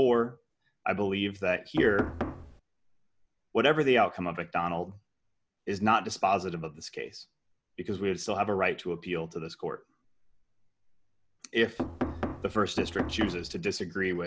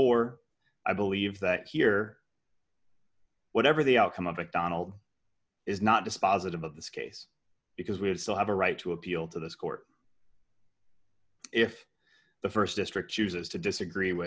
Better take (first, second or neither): second